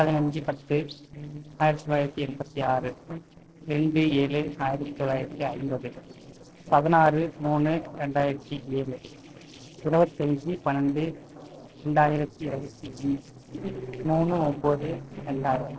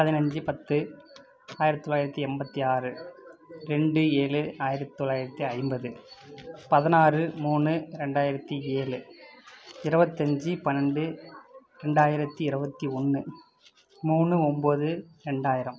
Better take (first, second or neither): second